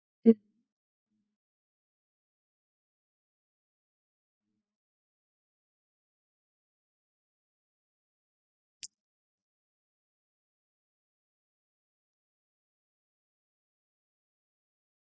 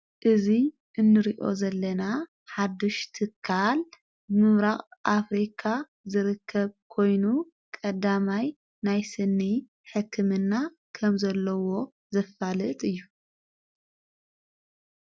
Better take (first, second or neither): second